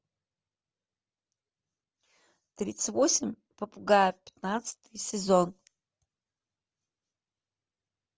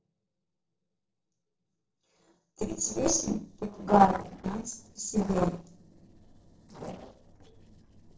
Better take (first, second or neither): first